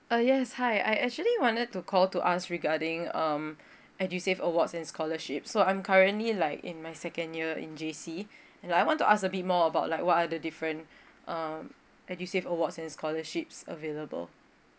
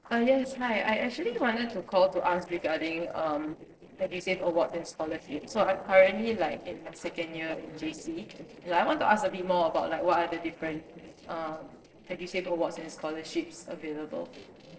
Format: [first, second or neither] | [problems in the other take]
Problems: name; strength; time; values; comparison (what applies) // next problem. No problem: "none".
first | noise reduction (neural separator model SepFormer DNS4)